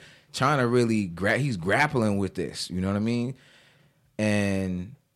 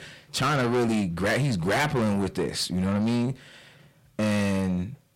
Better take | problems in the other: first | distortion; heavy; 7 dB below the speech

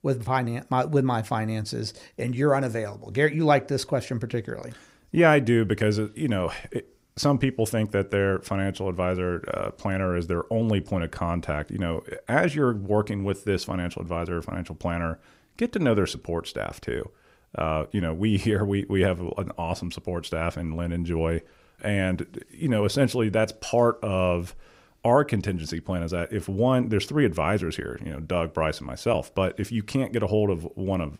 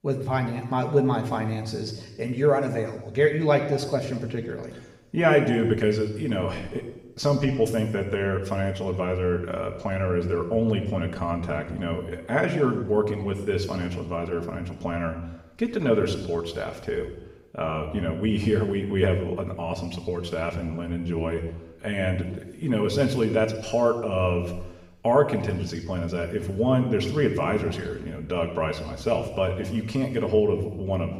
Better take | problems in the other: first | room echo; noticeable; dies away in 1 s // off-mic speech; somewhat distant

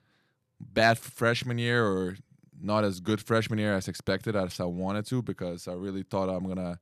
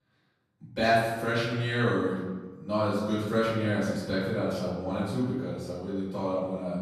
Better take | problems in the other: first | off-mic speech; far // room echo; strong; dies away in 1.1 s

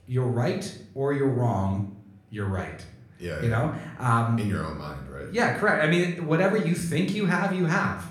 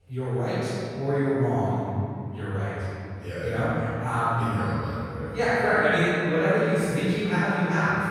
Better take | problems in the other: first | room echo; strong; dies away in 2.5 s; slight in the first // off-mic speech; far; somewhat distant in the first

